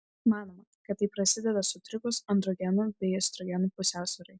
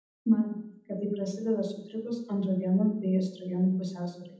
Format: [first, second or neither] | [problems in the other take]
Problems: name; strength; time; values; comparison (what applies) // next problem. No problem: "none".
first | room echo; dies away in 0.8 s